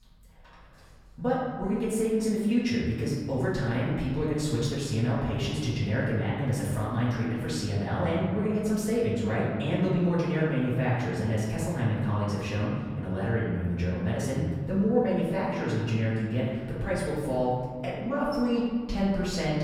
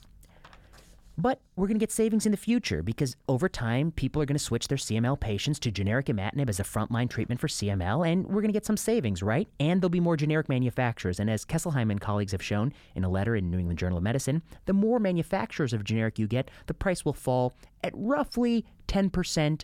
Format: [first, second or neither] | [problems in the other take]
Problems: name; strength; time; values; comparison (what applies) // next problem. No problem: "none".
second | room echo; noticeable; dies away in 1.7 s // off-mic speech; far